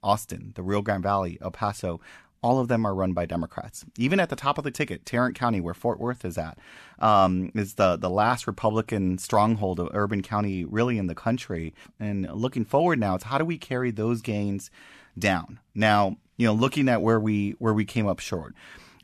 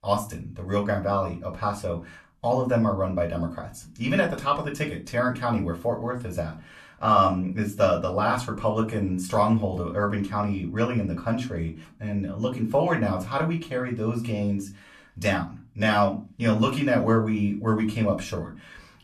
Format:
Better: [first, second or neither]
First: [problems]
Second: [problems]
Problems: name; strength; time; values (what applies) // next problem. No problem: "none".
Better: first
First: none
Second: off-mic speech; far // room echo; very slight; dies away in 0.2 s